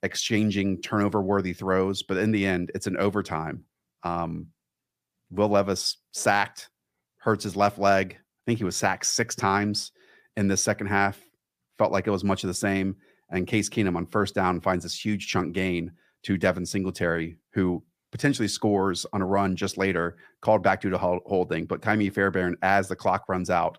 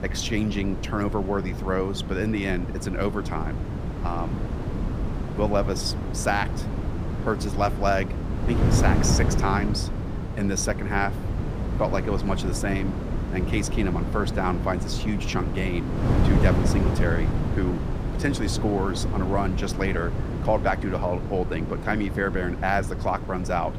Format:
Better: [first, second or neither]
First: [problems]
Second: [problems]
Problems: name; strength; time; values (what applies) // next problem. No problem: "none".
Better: first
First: none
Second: wind noise on the microphone; heavy; 7 dB below the speech